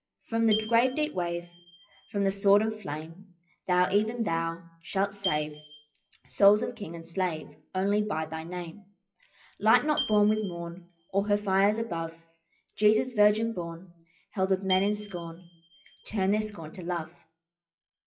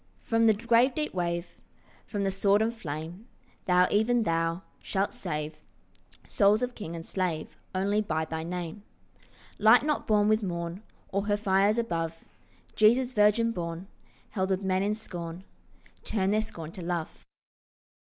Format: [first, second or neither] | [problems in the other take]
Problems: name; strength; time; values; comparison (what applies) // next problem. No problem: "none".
second | noise reduction (classical method WPE with log-MMSE)